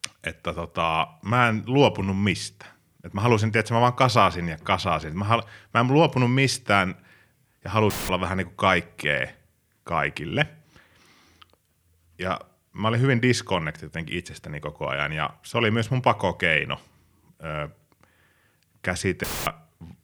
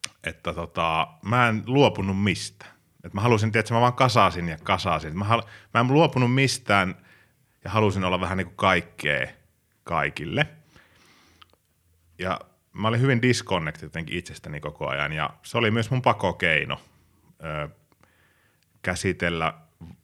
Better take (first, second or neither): second